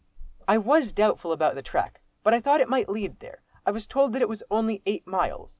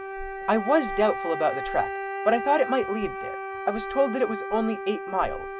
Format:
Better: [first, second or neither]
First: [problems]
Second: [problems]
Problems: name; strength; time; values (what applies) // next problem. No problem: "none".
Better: first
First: none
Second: background sound (Wind instrument, woodwind instrument); 6 dB below the speech